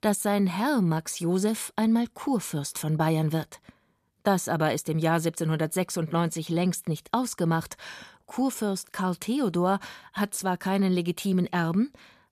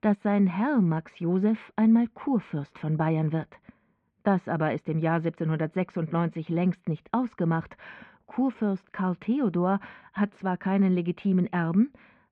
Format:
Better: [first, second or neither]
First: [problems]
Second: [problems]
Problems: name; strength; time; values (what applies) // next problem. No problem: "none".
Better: first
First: none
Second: muffled; very; fading above 2.5 kHz